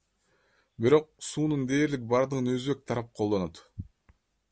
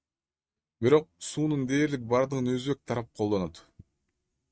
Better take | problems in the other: first | noise reduction (neural mask model RNNoise)

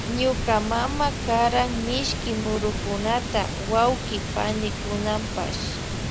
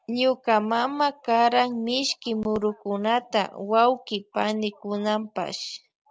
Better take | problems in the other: second | background sound (Water); 3 dB below the speech

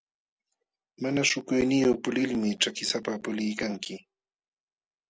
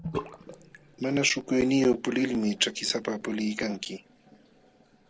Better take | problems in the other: first | background sound (Bathtub (filling or washing) / Sink (filling or washing)); 16 dB below the speech

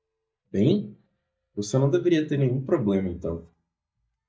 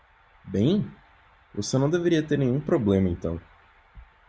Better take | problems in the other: second | noise reduction (neural mask model DeepFilterNet 3)

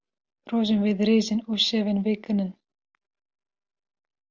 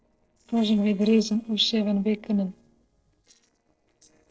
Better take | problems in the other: first | noise reduction (neural separator model SepFormer DNS4)

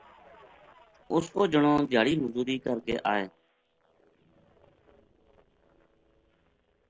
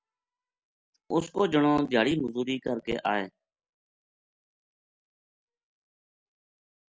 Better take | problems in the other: second | noise reduction (neural separator model SepFormer DNS4)

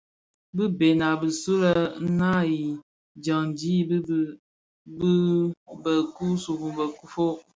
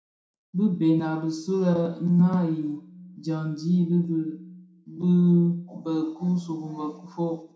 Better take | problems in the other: first | room echo; dies away in 0.5 s

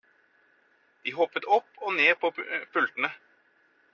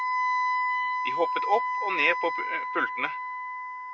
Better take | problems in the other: first | background sound (Wind instrument, woodwind instrument); 2 dB above the speech

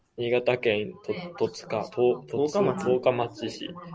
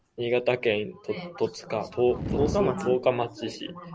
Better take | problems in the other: first | background sound (Fire); 8 dB below the speech

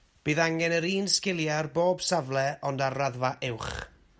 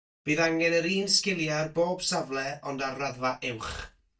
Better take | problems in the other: first | noise reduction (neural mask model DeepFilterNet 3)

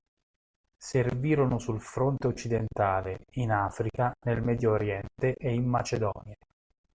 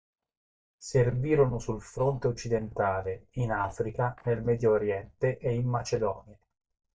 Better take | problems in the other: first | noise reduction (neural mask model DeepFilterNet 3)

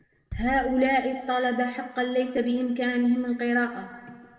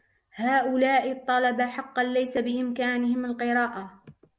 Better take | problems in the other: second | background sound (Bass drum); 19 dB below the speech // room echo; dies away in 1.7 s

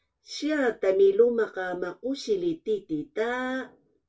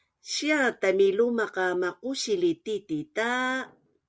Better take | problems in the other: second | room echo; dies away in 0.2 s

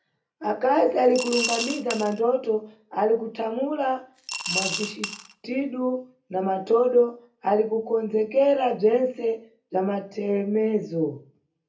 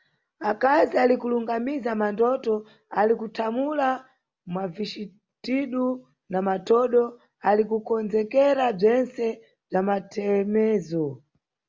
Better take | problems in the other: second | background sound (Coin (dropping) / Glass); 7 dB below the speech // room echo; dies away in 0.3 s

